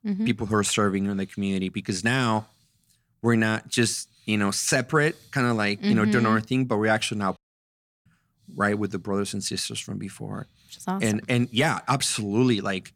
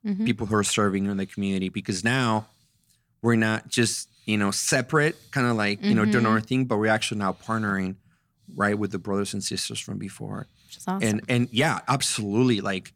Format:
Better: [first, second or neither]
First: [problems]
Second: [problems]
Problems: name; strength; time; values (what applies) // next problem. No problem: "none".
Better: second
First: audio cutting out; at 7.5 s for 0.5 s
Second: none